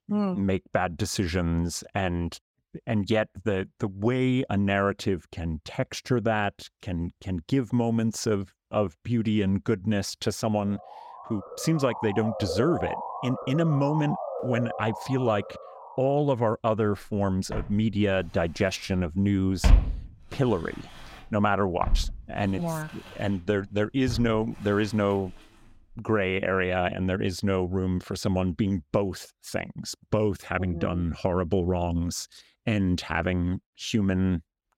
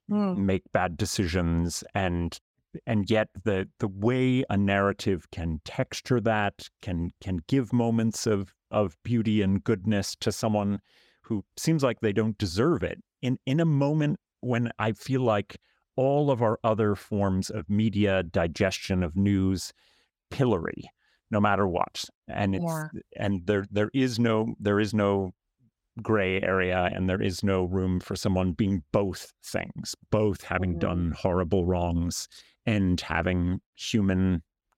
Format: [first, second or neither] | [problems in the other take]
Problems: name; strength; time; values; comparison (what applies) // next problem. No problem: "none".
second | siren; noticeable; from 11 to 16 s; peak 4 dB below the speech // footsteps; loud; from 18 to 24 s; peak 5 dB above the speech